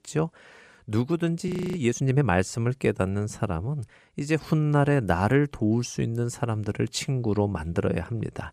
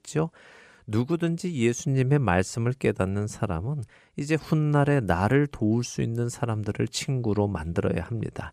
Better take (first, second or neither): second